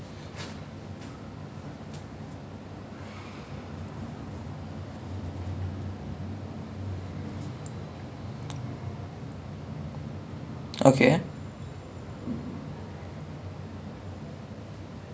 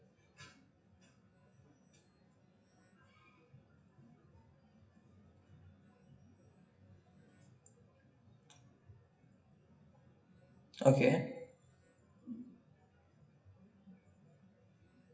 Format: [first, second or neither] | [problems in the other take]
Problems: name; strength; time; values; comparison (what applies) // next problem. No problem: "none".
first | noise reduction (classical method WPE with log-MMSE)